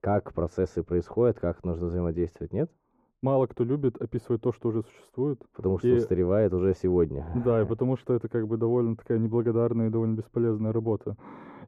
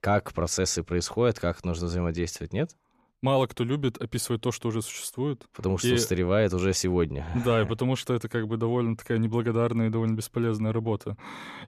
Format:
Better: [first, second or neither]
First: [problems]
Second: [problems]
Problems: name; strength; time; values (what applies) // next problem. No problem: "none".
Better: second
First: muffled; very; fading above 2 kHz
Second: none